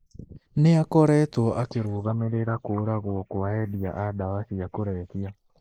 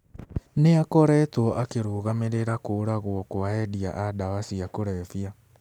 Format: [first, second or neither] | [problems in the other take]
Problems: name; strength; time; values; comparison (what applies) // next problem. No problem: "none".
second | noise reduction (neural mask model Resemble Enhance denoiser)